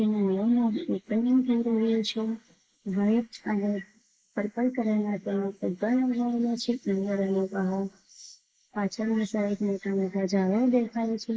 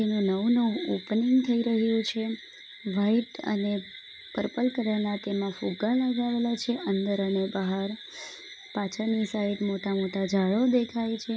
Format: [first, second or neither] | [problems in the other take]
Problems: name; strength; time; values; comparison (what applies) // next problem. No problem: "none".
second | noise reduction (neural mask model Resemble Enhance denoiser)